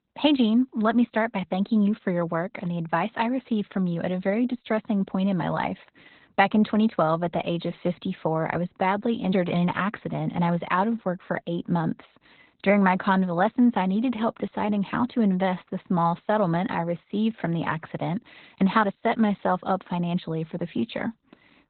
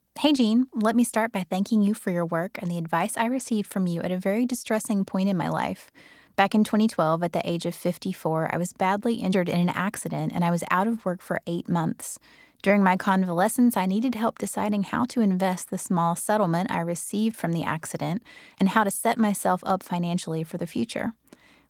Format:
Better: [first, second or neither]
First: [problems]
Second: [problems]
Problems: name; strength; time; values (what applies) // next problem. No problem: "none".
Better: second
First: garbled, watery; badly; nothing above 4 kHz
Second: garbled, watery; slightly; nothing above 18.5 kHz